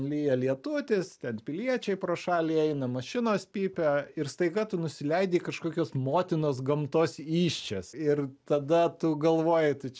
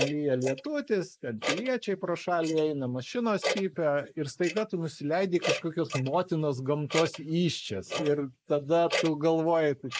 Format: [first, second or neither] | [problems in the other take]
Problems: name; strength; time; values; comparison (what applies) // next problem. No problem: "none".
first | noise reduction (neural mask model Resemble Enhance denoiser)